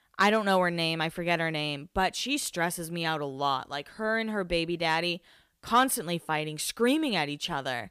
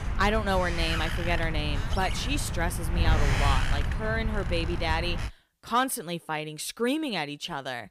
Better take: first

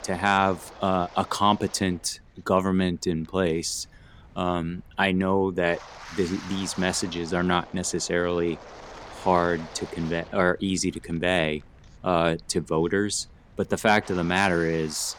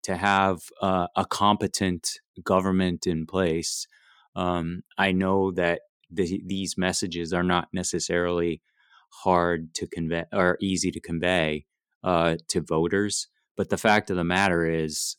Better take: second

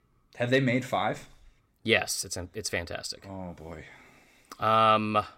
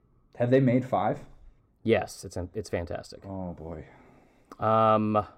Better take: first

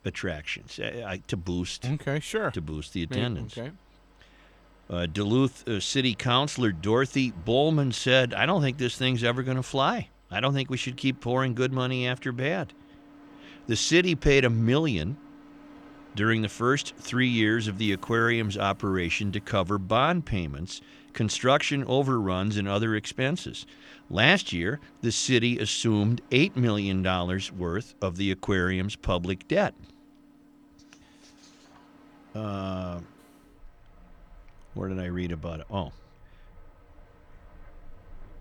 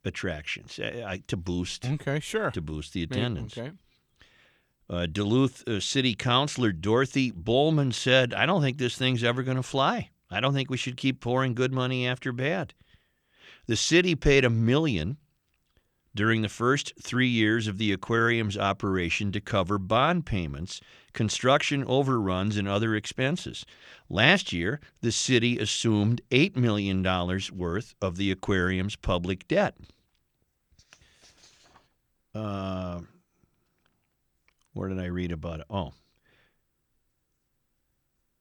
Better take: second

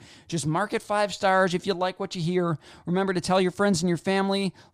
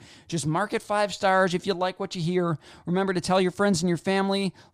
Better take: neither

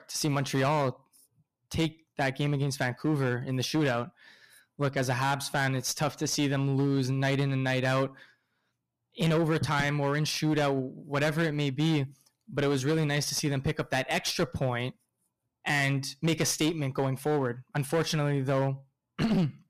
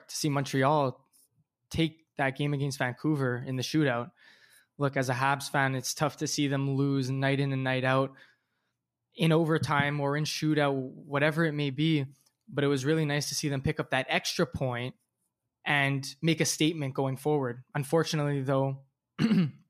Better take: second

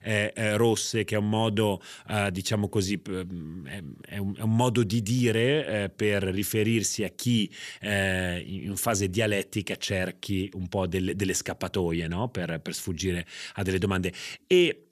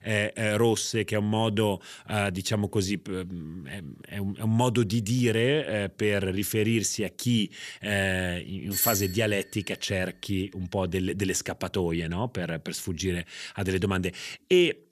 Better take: first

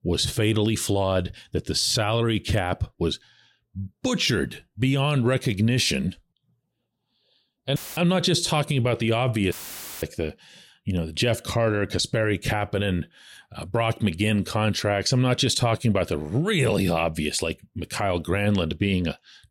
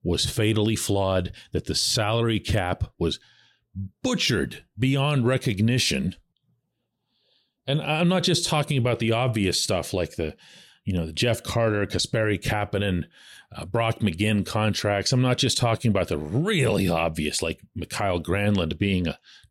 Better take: second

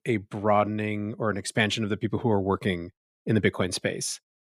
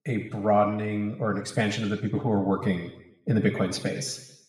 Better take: first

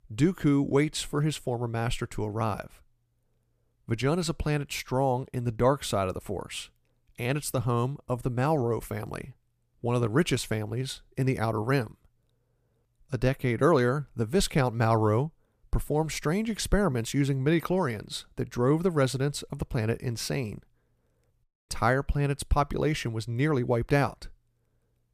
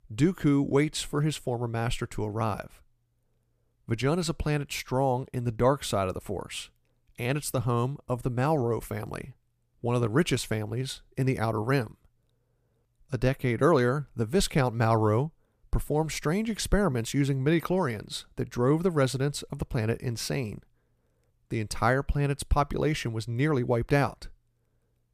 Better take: second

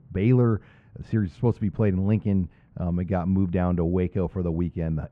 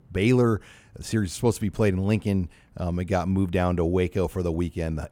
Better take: second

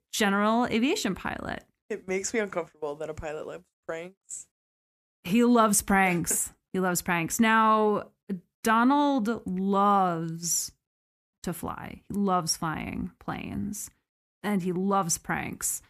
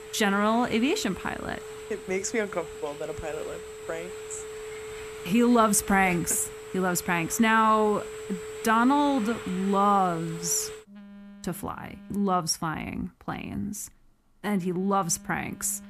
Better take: first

